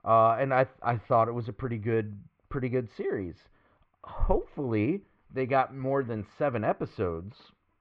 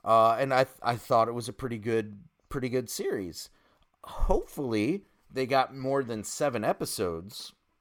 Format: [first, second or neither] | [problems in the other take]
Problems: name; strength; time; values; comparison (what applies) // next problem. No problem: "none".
second | muffled; very; fading above 2.5 kHz